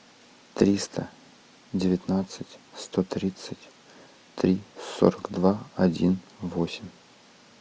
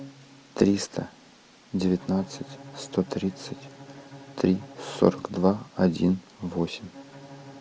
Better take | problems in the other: first | background sound (Bowed string instrument); 19 dB below the speech

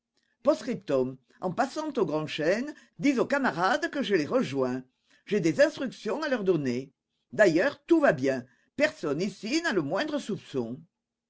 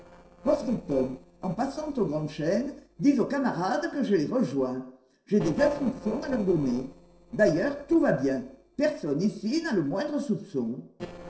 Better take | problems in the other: first | noise reduction (neural separator model SepFormer DNS4)

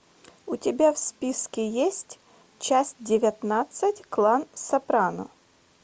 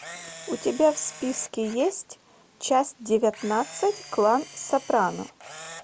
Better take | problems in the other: first | background sound (Camera); 17 dB below the speech

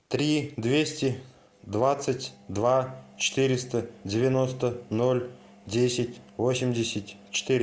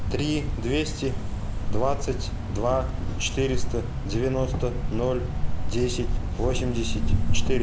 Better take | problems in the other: first | background sound (Cricket); 4 dB above the speech

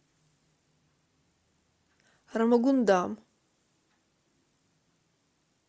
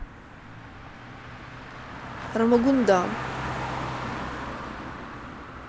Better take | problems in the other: first | background sound (Car); 6 dB below the speech

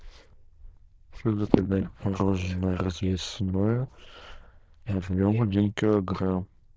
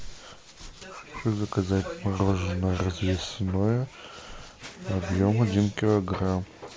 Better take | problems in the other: second | noise reduction (neural diffusion model UNIVERSE++)

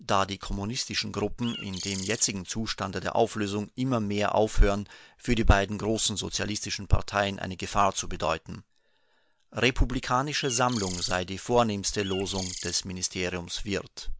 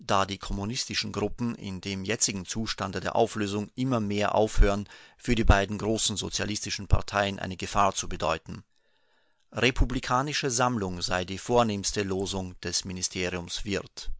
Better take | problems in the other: second | background sound (Bird); 11 dB below the speech

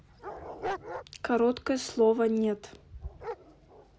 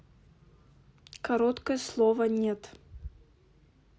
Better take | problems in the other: second | background sound (Dog); 12 dB below the speech

